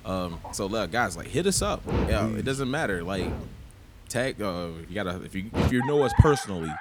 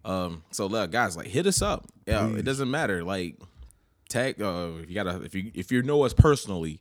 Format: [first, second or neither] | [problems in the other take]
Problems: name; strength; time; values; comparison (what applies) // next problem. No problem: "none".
second | animal sounds; loud; throughout; 7 dB below the speech